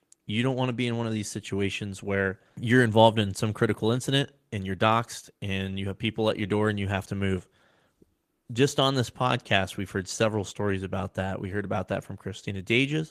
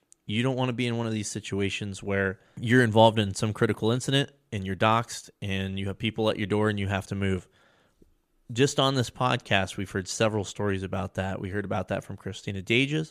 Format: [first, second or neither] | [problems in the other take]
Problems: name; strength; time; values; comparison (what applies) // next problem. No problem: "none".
second | garbled, watery; slightly; nothing above 14.5 kHz